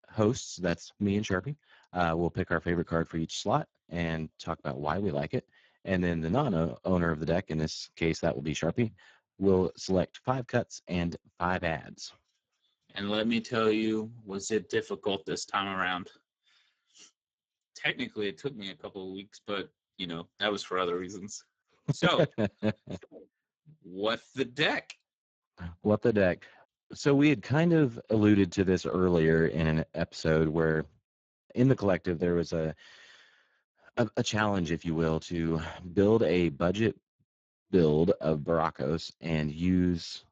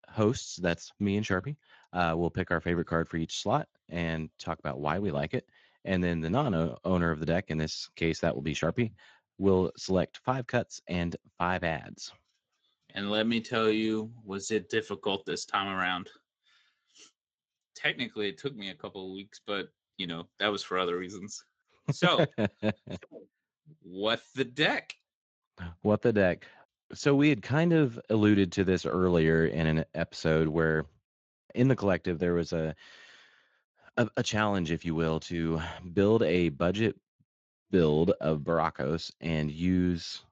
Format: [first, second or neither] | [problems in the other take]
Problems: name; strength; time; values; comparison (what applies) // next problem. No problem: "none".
second | garbled, watery; badly; nothing above 7.5 kHz; slightly in the second